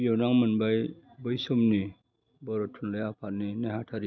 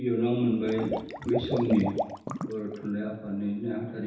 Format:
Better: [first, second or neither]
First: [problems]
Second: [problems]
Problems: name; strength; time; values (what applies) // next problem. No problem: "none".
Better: first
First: none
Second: background sound (Water / Liquid); 6 dB below the speech // room echo; dies away in 0.9 s